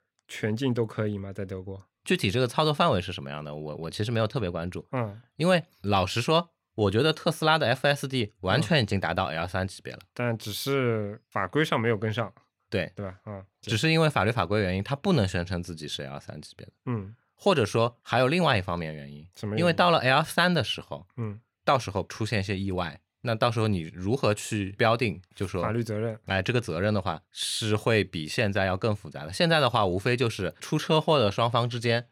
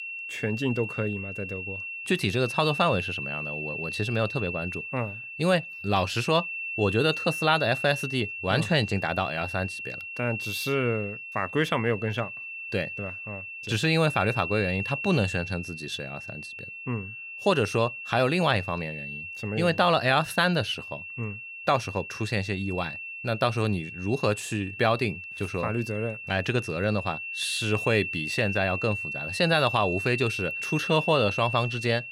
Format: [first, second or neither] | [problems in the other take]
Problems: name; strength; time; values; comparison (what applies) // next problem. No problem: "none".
first | high-pitched whine; loud; throughout; 2.5 kHz, 6 dB below the speech